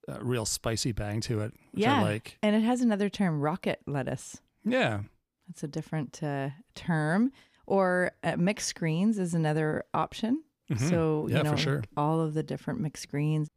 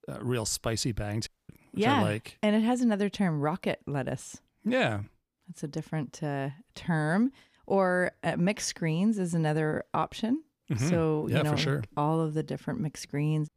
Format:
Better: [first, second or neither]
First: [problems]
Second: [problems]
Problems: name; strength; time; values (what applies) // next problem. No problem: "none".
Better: first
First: none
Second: audio cutting out; at 1.5 s